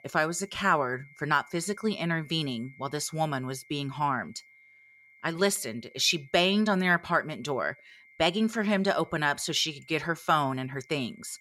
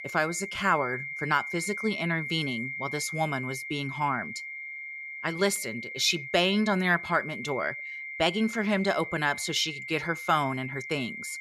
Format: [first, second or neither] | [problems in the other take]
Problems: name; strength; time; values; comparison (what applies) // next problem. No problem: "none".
first | high-pitched whine; loud; throughout; 2 kHz, 7 dB below the speech; faint in the first